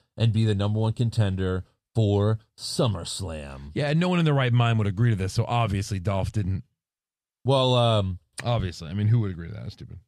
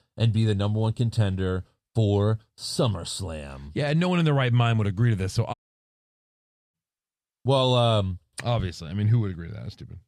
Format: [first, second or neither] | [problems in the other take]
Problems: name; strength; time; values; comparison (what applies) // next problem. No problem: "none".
first | audio cutting out; at 5.5 s for 1 s